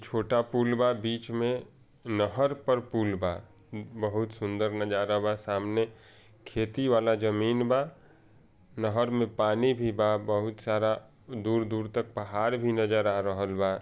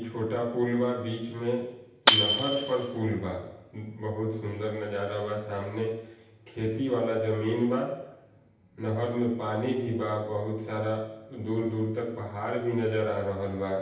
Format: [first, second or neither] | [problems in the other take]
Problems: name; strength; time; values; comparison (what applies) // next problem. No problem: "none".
first | background sound (Tambourine); 5 dB above the speech // room echo; dies away in 0.9 s